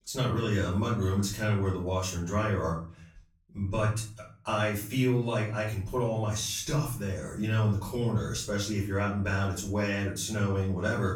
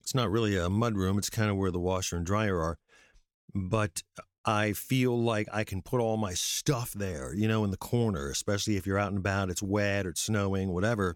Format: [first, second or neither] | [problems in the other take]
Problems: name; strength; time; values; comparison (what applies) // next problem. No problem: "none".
second | off-mic speech; far // room echo; slight; dies away in 0.4 s